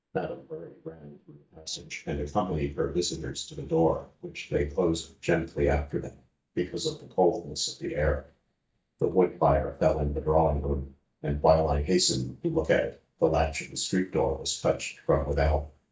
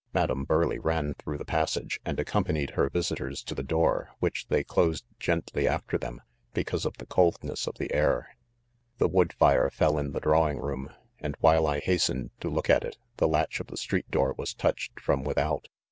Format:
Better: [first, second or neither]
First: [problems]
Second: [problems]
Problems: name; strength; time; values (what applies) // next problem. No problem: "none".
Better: second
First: noise reduction (neural mask model DeepFilterNet 3)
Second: none